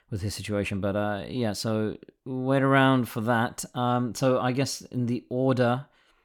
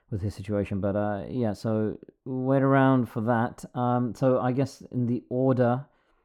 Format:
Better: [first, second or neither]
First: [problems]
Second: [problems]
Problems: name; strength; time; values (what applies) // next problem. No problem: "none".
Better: first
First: none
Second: muffled; slightly; fading above 1.5 kHz